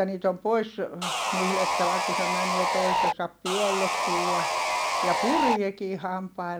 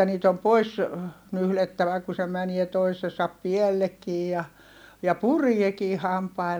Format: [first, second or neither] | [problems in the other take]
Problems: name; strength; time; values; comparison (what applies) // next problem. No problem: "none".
second | background sound (Sawing); 4 dB above the speech